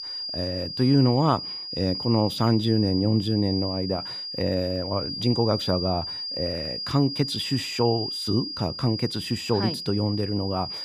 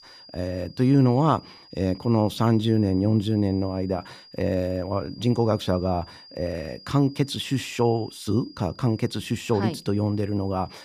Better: second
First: high-pitched whine; loud; throughout; 5 kHz, 5 dB below the speech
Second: high-pitched whine; faint; throughout; 5 kHz, 20 dB below the speech

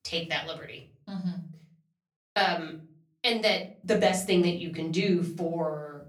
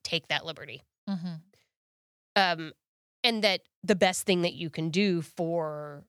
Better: second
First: off-mic speech; far // room echo; very slight; dies away in 0.3 s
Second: none

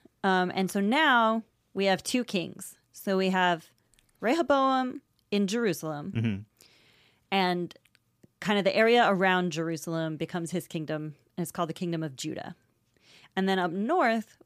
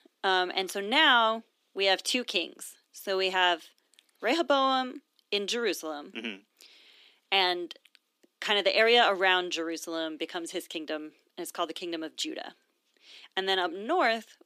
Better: first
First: none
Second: thin; somewhat; fading below 250 Hz

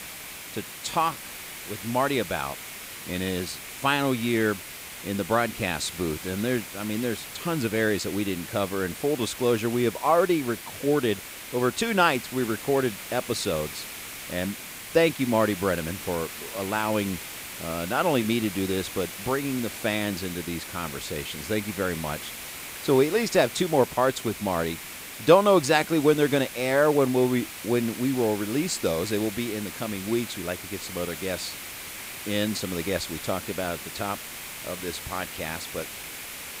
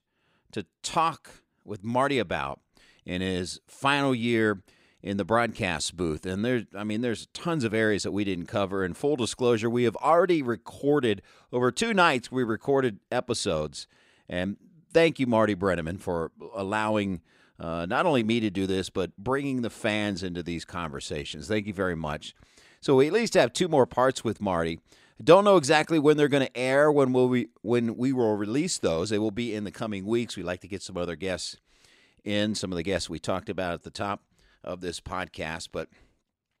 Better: second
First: hiss; loud; throughout; 10 dB below the speech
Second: none

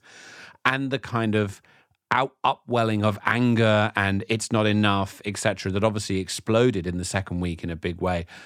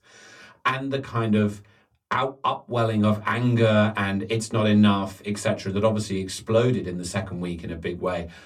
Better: first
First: none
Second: off-mic speech; somewhat distant // room echo; very slight; dies away in 0.2 s

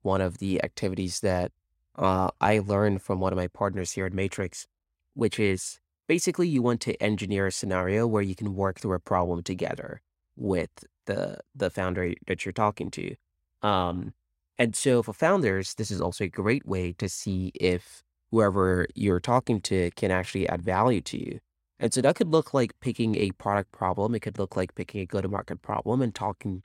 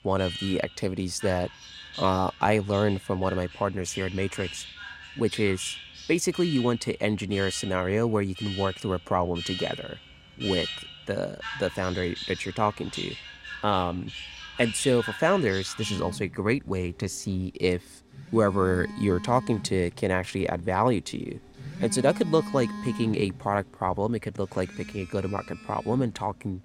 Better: first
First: none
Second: alarms or sirens; noticeable; throughout; 10 dB below the speech

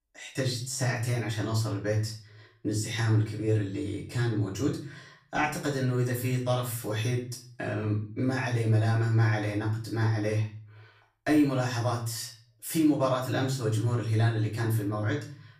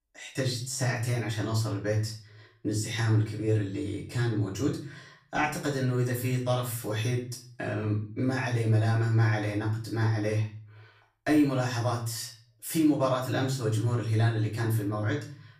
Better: neither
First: off-mic speech; far // room echo; slight; dies away in 0.4 s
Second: off-mic speech; far // room echo; slight; dies away in 0.4 s

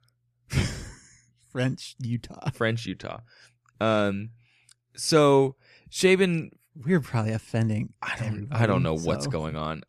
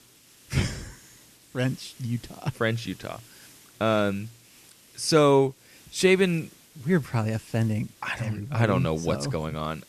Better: first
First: none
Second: hiss; faint; throughout; 25 dB below the speech

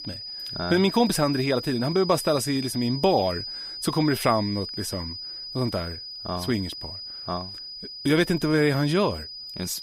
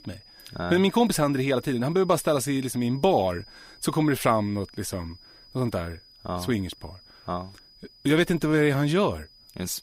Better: second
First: high-pitched whine; loud; throughout; 5 kHz, 9 dB below the speech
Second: high-pitched whine; faint; throughout; 5 kHz, 25 dB below the speech

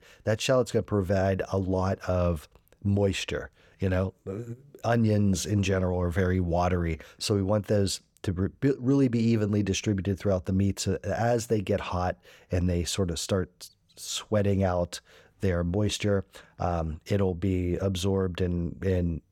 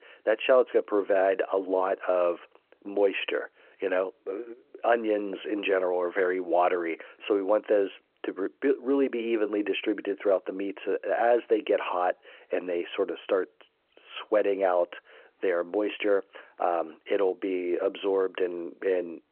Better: first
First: none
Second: phone-call audio

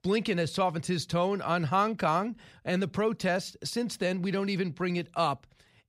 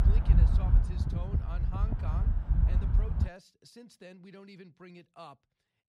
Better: first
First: none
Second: wind noise on the microphone; heavy; until 3.5 s; 4 dB above the speech

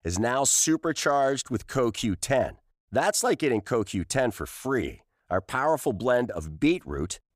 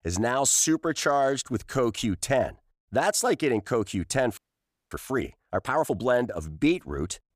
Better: first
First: none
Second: audio freezing; at 4.5 s for 0.5 s

